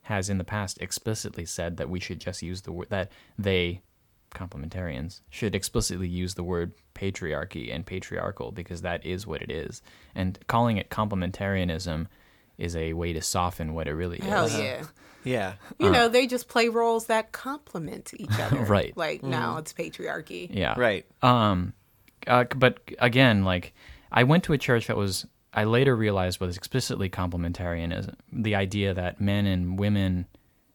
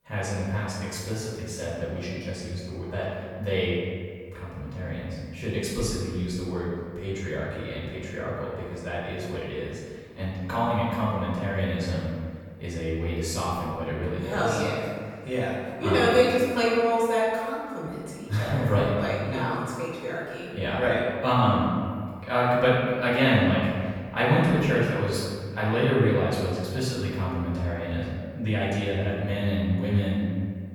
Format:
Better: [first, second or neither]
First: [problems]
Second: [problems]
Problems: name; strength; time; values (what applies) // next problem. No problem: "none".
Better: first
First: none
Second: room echo; strong; dies away in 1.7 s // off-mic speech; far